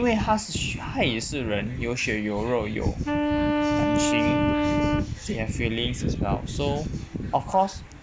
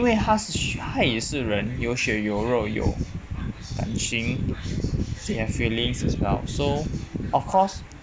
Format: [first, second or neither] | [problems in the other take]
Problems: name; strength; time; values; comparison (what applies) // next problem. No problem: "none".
second | background sound (Wind instrument, woodwind instrument); as loud as the speech